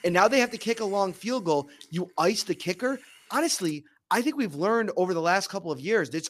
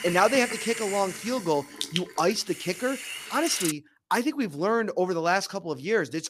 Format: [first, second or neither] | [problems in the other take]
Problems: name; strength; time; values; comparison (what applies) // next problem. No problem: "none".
first | hiss; loud; until 3.5 s; 7 dB below the speech; faint in the first